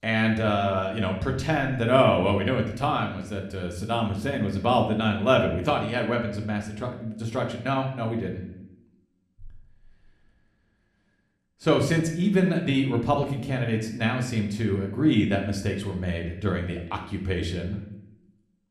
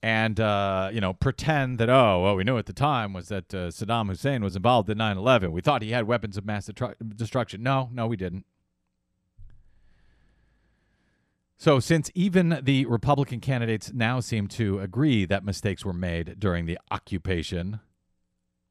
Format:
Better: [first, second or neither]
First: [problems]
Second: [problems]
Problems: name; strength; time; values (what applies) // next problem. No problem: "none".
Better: second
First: room echo; slight; dies away in 0.6 s // off-mic speech; somewhat distant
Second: none